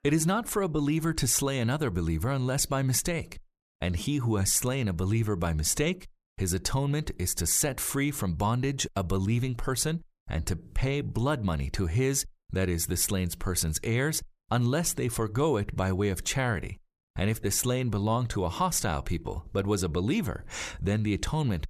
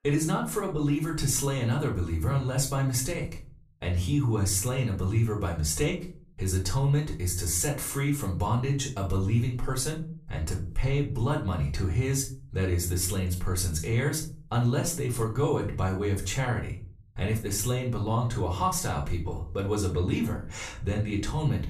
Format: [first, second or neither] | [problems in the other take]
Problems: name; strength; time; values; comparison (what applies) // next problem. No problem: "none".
first | off-mic speech; far // room echo; slight; dies away in 0.4 s